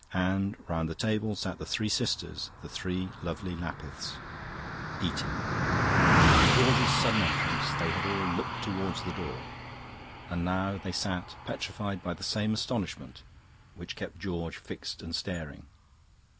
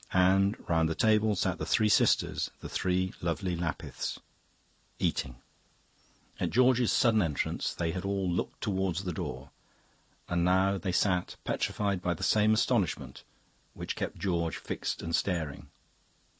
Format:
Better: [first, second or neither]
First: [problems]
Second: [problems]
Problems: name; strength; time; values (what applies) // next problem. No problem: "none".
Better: second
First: background sound (Car passing by); 1 dB above the speech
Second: none